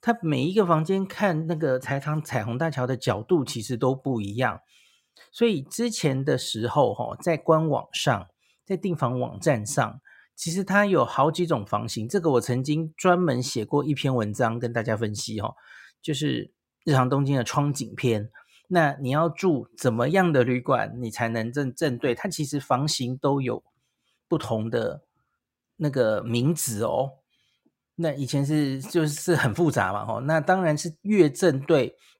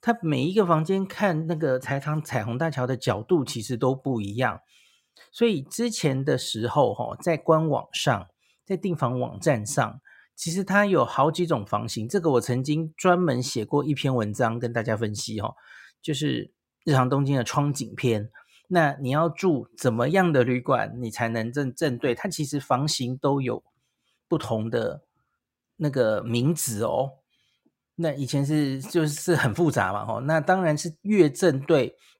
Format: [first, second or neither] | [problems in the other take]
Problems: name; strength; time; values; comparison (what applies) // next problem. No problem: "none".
neither | none